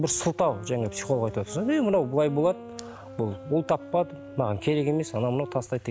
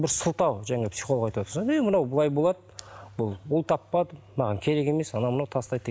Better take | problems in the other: second | background sound (Wind instrument, woodwind instrument); 16 dB below the speech

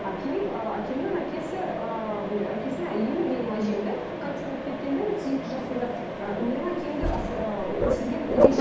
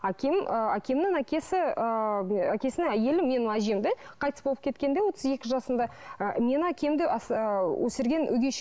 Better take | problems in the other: second | background sound (Mechanisms); as loud as the speech // room echo; dies away in 0.8 s

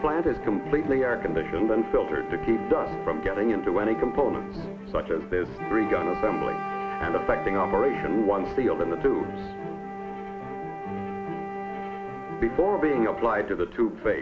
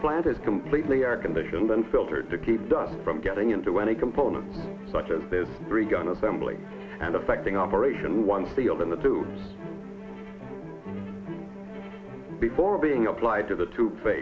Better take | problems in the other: second | background sound (Wind instrument, woodwind instrument); 9 dB below the speech

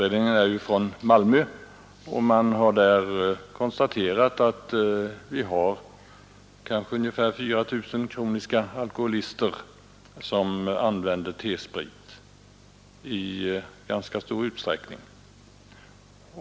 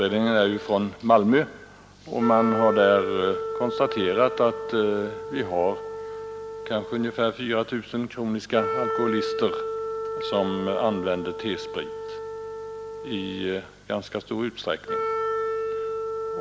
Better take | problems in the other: first | background sound (Wind instrument, woodwind instrument); 6 dB below the speech

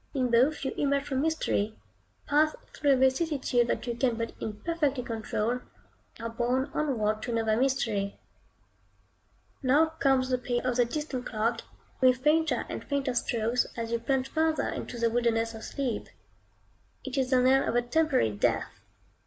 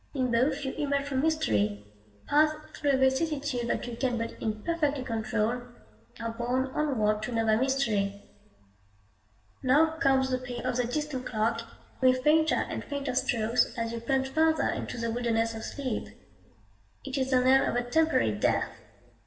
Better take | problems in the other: first | room echo; dies away in 0.9 s

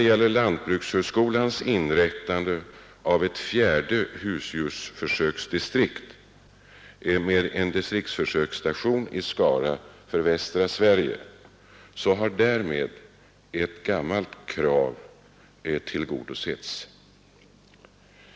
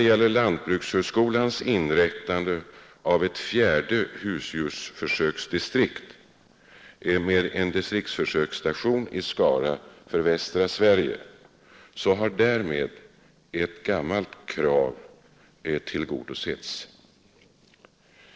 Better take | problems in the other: first | noise reduction (neural separator model SepFormer DNS4)

